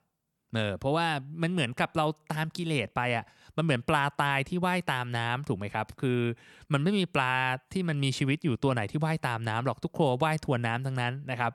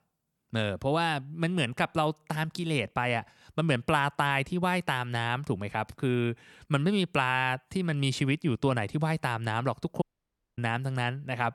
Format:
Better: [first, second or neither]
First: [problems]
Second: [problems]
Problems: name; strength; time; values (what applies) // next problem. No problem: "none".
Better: first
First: none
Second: audio cutting out; at 10 s for 0.5 s